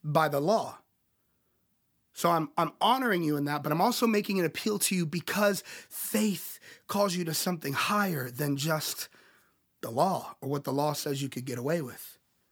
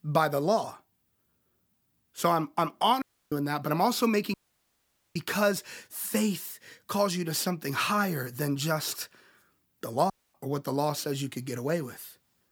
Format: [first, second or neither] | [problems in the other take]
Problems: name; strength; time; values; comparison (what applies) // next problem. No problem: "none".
first | audio cutting out; at 3 s, at 4.5 s for 1 s and at 10 s